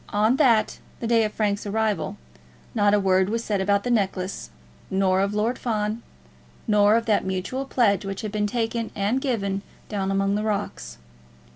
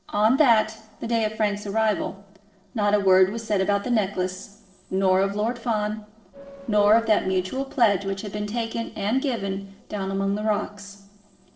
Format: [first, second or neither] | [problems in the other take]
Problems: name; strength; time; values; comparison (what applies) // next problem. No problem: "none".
first | noise reduction (neural separator model SepFormer DNS4)